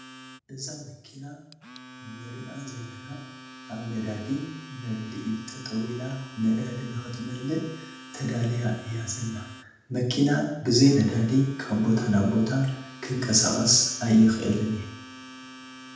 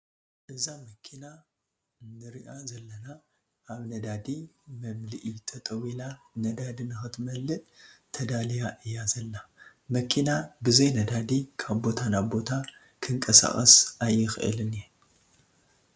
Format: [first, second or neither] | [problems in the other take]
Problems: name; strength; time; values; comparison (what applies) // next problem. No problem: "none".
second | background sound (Domestic sounds, home sounds); 18 dB below the speech // room echo; dies away in 0.8 s